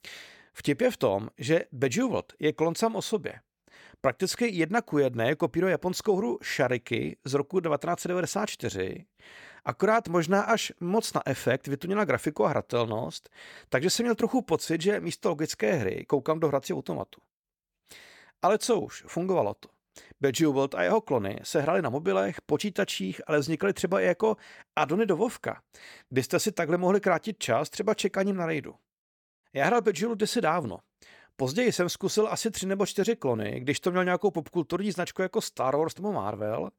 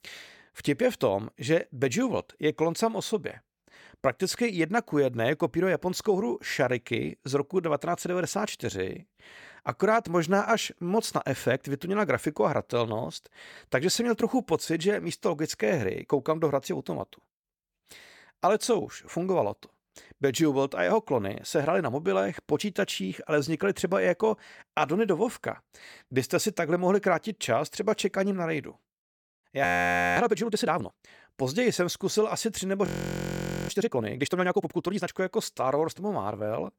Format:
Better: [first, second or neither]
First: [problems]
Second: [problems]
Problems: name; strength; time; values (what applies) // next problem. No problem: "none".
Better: first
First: none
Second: audio freezing; at 30 s for 0.5 s and at 33 s for 1 s